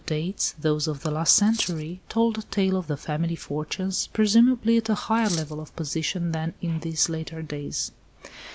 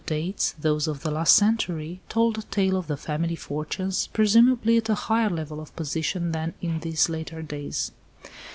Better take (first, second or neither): second